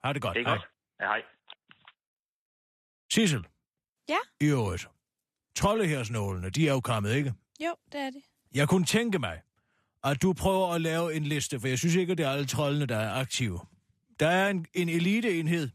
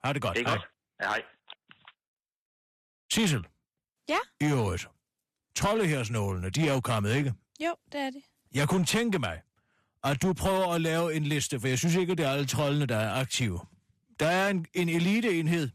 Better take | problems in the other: first | distortion; slight; 6% of the sound clipped

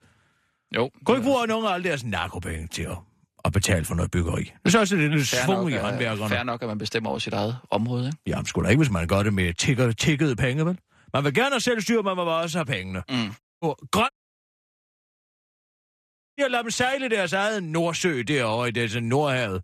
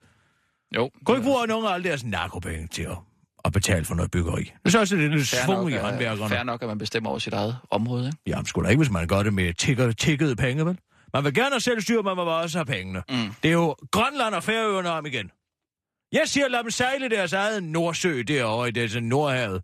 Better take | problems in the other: second | audio cutting out; at 13 s and at 14 s for 2.5 s

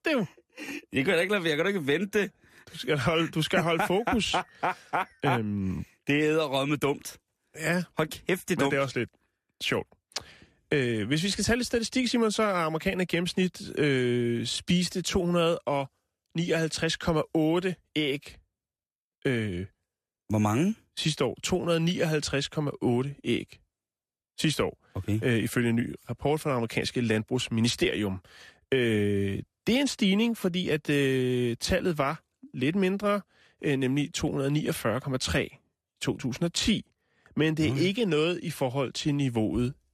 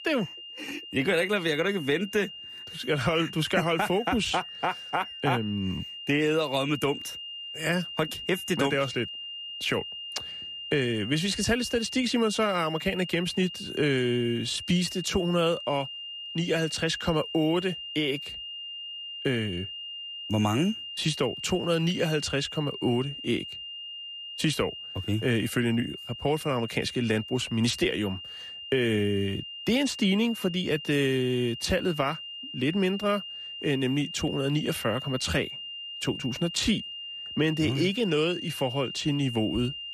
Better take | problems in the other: first | high-pitched whine; loud; throughout; 3 kHz, 9 dB below the speech

